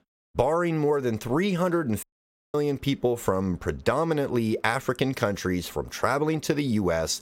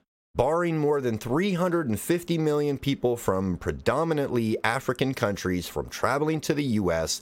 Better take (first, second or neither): second